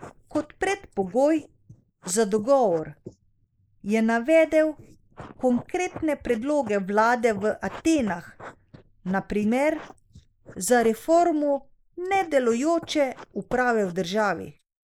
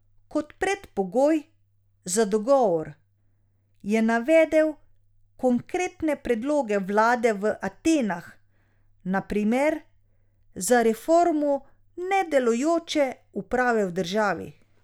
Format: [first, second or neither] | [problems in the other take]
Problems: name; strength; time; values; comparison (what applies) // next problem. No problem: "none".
second | noise reduction (neural mask model Resemble Enhance denoiser)